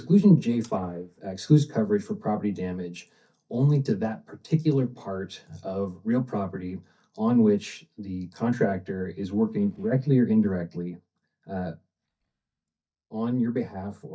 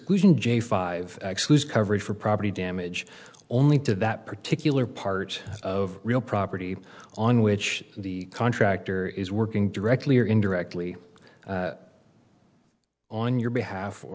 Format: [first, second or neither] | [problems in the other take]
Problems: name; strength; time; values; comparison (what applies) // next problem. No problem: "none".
second | noise reduction (neural mask model DeepFilterNet 3)